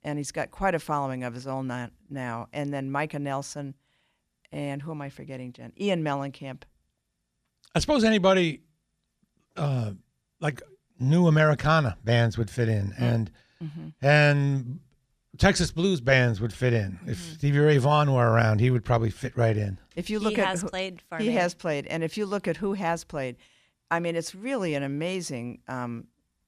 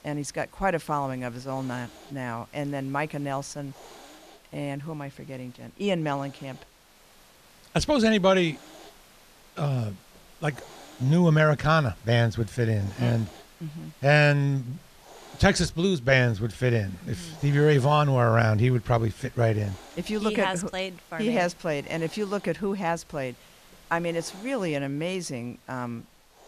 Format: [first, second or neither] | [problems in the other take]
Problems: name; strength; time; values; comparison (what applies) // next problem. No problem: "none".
first | hiss; faint; throughout; 25 dB below the speech